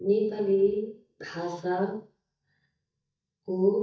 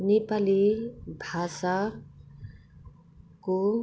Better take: second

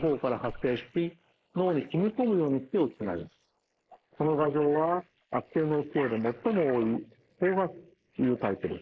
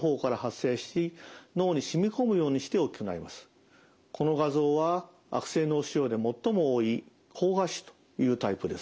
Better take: second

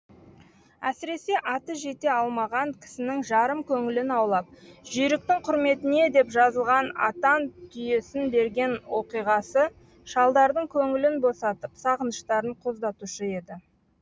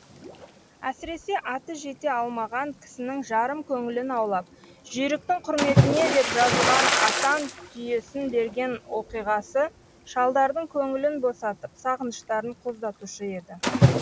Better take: first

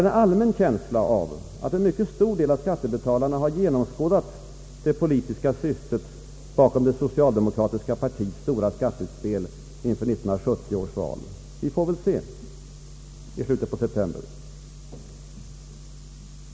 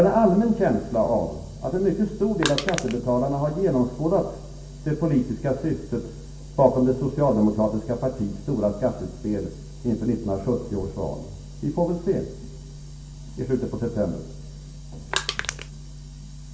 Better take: first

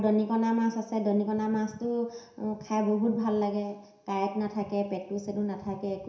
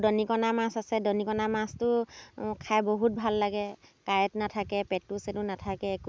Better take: second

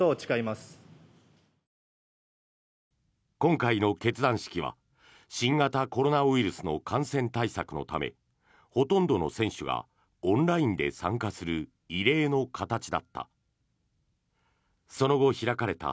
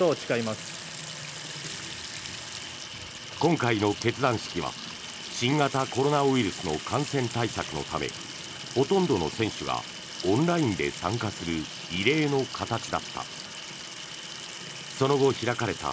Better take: first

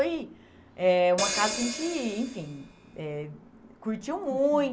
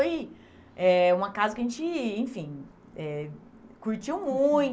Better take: second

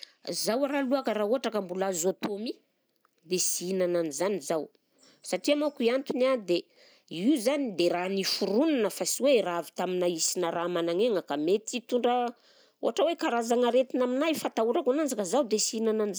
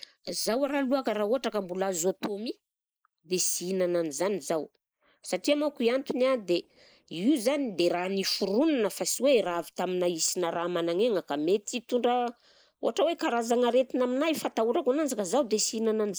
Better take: first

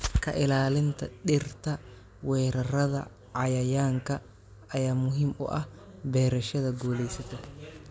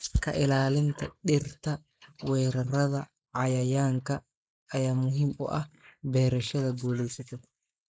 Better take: first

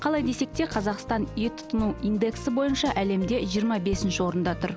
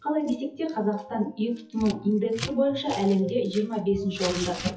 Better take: first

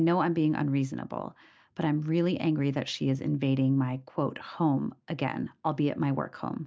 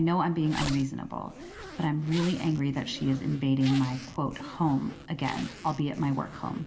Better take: first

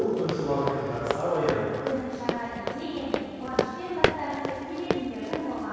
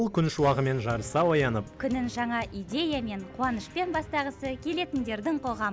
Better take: second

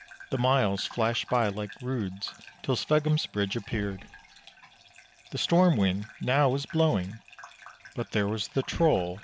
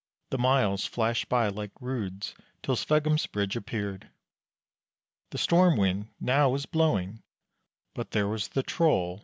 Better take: second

